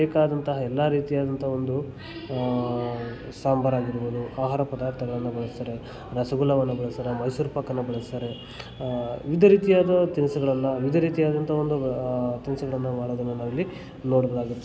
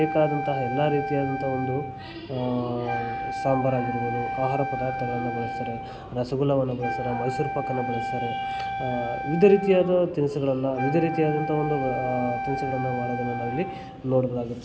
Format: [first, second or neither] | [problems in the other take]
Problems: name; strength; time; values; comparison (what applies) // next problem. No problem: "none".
first | background sound (Wind instrument, woodwind instrument); 6 dB below the speech